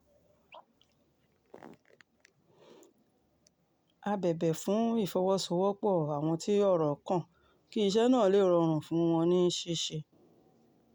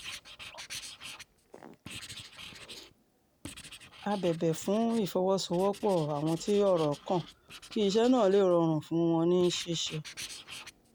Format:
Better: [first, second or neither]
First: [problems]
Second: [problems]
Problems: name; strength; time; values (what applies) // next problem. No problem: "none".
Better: first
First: none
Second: background sound (Writing); 17 dB below the speech